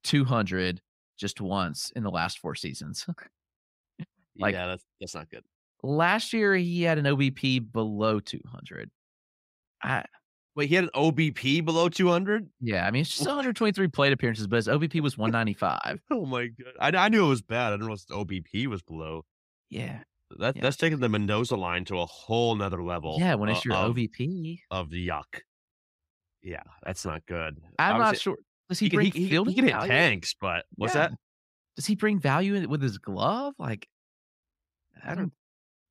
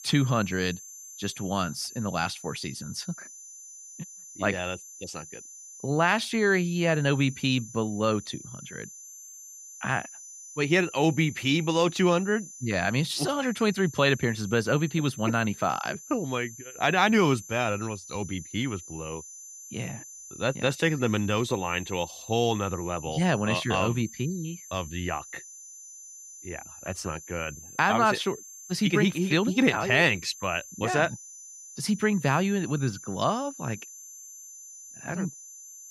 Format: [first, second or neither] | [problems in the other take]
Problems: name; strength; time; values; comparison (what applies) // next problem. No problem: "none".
first | high-pitched whine; noticeable; throughout; 6 kHz, 15 dB below the speech